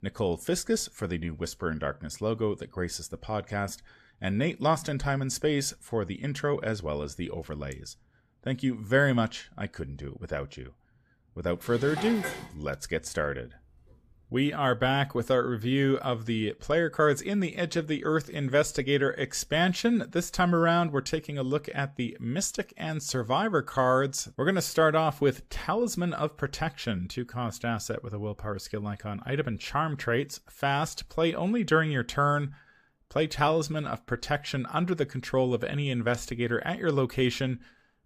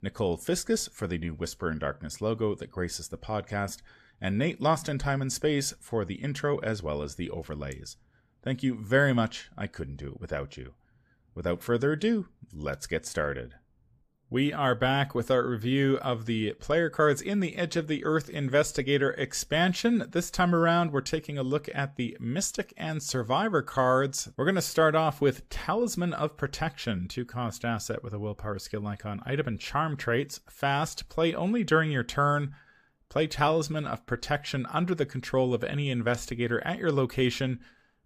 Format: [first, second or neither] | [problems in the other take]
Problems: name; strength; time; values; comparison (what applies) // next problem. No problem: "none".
second | clattering dishes; noticeable; at 12 s; peak 5 dB below the speech